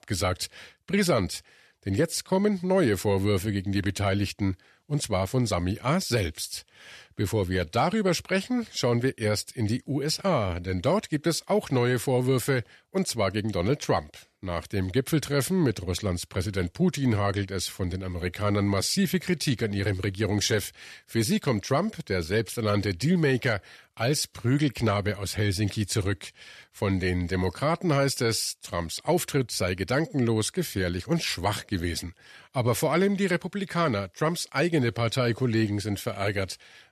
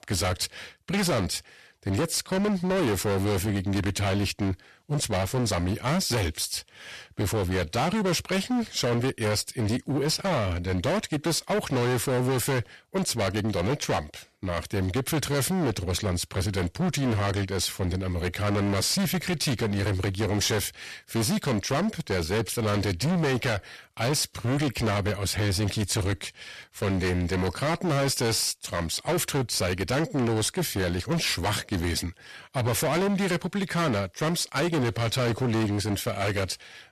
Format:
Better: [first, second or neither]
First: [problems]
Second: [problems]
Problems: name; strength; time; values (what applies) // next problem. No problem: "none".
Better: first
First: none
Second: distortion; heavy; 24% of the sound clipped